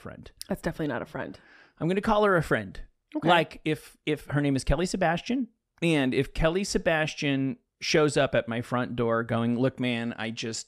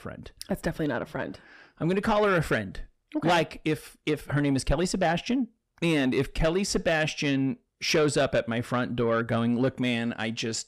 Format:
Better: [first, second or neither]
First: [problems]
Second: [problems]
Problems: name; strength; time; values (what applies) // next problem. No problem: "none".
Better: first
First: none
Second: distortion; slight; 10 dB below the speech